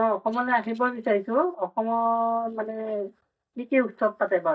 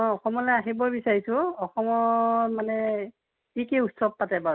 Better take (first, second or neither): second